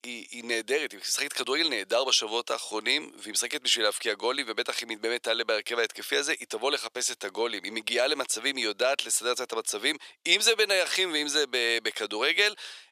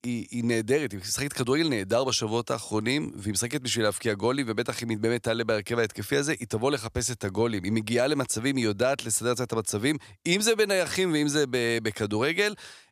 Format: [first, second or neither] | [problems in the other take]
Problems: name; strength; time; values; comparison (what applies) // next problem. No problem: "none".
second | thin; somewhat; fading below 400 Hz